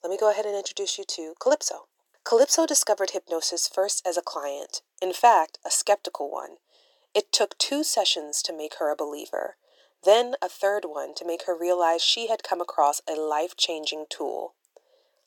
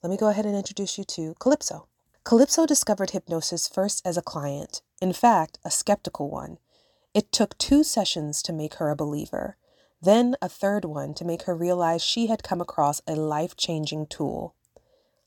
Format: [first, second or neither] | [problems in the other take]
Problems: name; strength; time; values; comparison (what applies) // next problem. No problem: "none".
second | thin; very; fading below 350 Hz